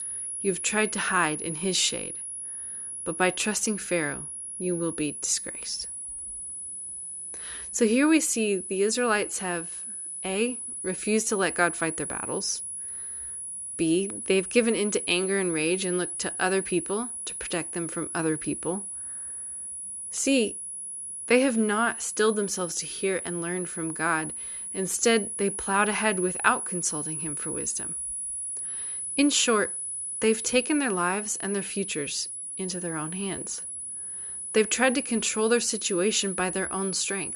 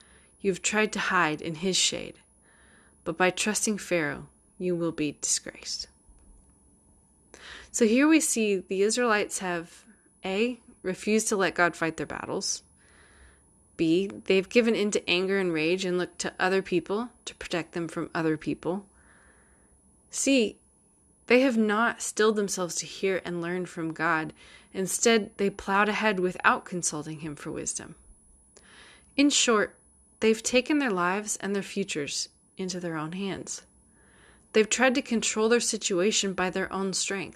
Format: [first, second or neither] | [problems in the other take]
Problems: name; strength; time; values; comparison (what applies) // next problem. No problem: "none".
second | high-pitched whine; loud; throughout; 10.5 kHz, 5 dB below the speech; faint in the second